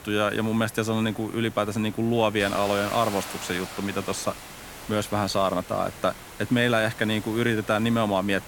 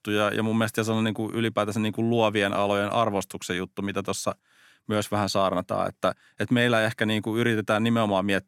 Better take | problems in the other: second | hiss; noticeable; throughout; 15 dB below the speech

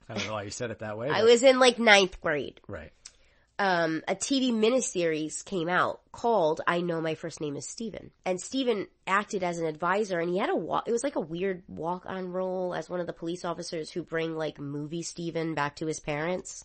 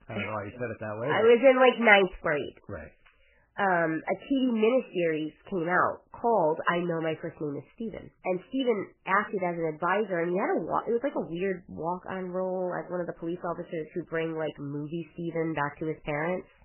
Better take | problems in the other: first | garbled, watery; badly; nothing above 3 kHz; slightly in the first

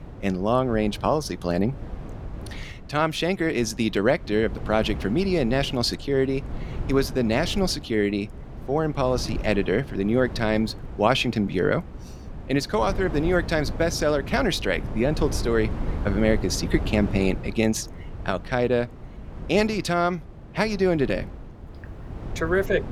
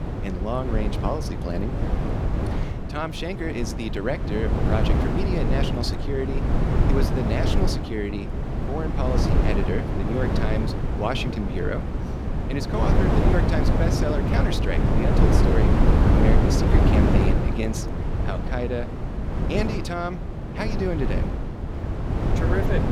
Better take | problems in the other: first | wind noise on the microphone; heavy; as loud as the speech; occasional gusts in the first

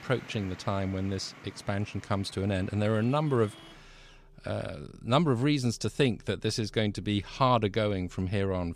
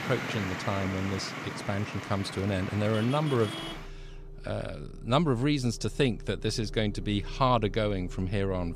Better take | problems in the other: first | traffic noise; loud; throughout; 10 dB below the speech; faint in the first

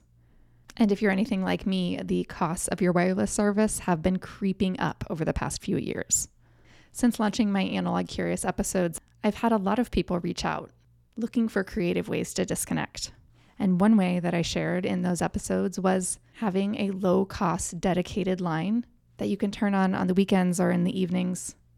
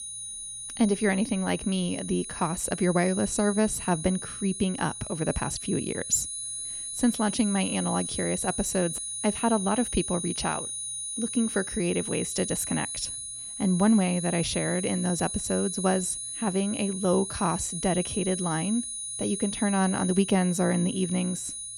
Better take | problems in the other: first | high-pitched whine; loud; throughout; 10 kHz, 5 dB below the speech

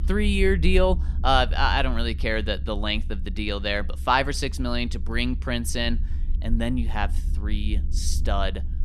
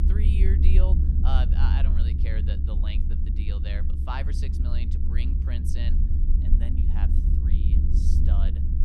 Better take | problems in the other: first | low rumble; loud; throughout; 2 dB below the speech; faint in the first

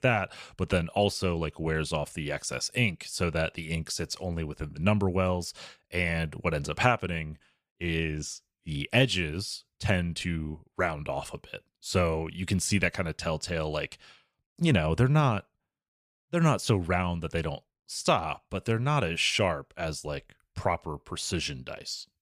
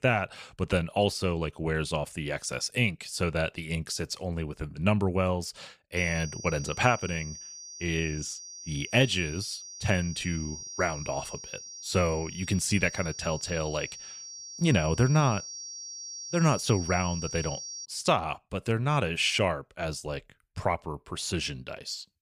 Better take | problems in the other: first | high-pitched whine; loud; from 6 to 18 s; 5.5 kHz, 10 dB below the speech

